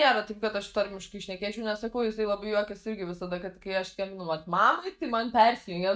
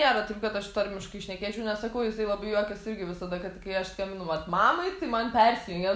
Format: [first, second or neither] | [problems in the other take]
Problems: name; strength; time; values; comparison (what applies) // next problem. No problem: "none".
second | noise reduction (neural mask model DeepFilterNet 3)